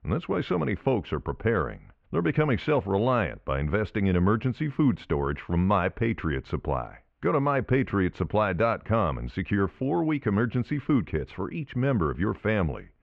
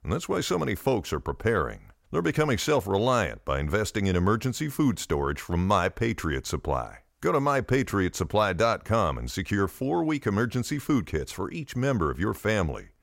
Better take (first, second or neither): second